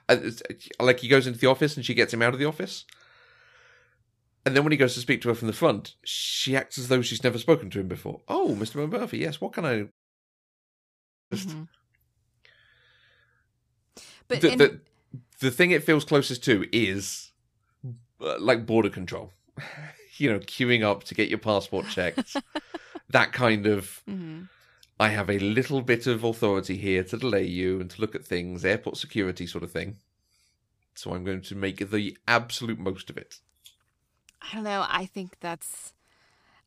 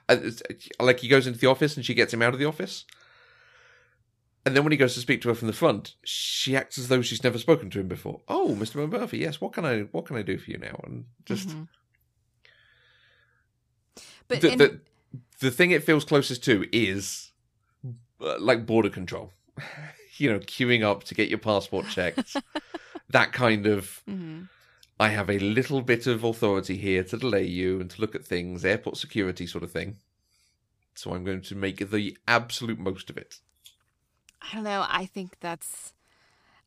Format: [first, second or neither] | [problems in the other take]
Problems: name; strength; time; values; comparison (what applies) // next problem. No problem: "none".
second | audio cutting out; at 10 s for 1.5 s